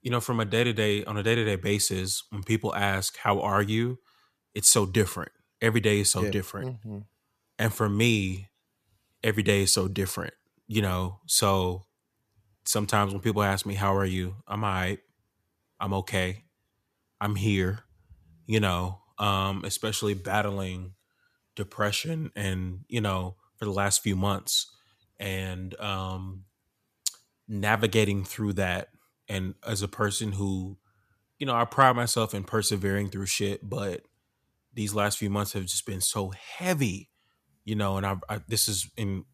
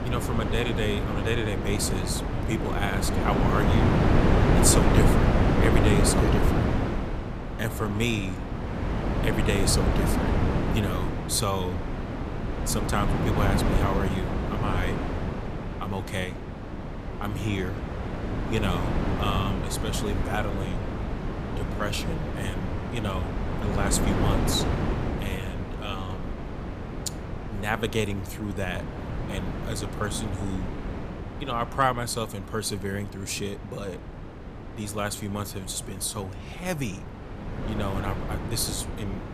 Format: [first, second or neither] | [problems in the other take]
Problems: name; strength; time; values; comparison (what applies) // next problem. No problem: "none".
first | wind noise on the microphone; heavy; 1 dB below the speech